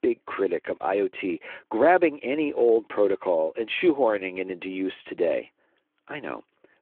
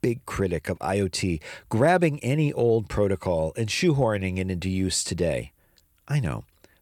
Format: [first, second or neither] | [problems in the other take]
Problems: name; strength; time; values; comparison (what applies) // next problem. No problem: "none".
second | phone-call audio